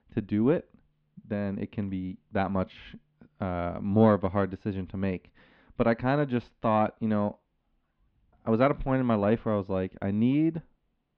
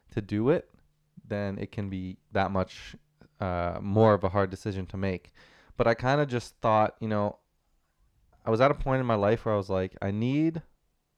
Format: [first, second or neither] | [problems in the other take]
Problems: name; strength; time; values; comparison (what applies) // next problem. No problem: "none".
second | muffled; slightly; fading above 3.5 kHz